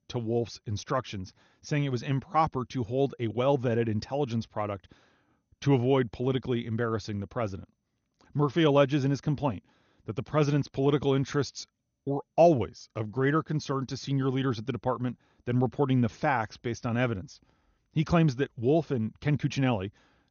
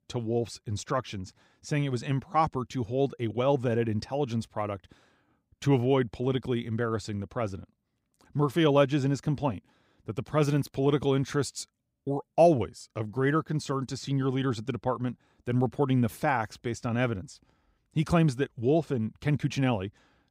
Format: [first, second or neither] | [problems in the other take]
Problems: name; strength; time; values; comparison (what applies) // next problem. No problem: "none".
second | garbled, watery; slightly; nothing above 6.5 kHz